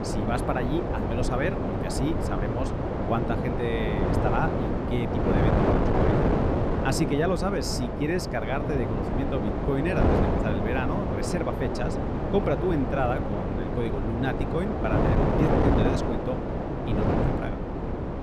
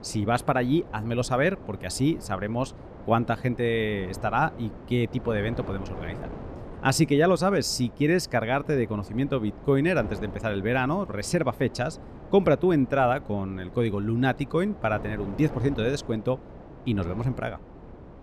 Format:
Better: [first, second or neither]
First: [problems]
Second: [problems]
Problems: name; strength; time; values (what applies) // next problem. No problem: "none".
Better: second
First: wind noise on the microphone; heavy; 2 dB above the speech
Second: wind noise on the microphone; occasional gusts; 15 dB below the speech